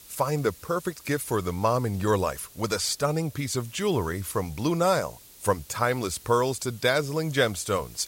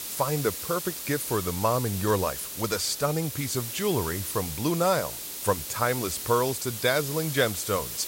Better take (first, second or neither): first